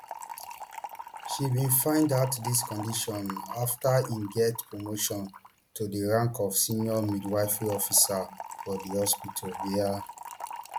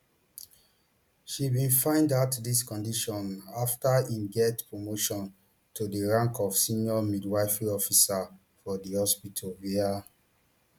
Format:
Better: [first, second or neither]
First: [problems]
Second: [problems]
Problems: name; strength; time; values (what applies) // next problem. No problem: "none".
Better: second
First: background sound (Fill (with liquid) / Trickle, dribble); 12 dB below the speech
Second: none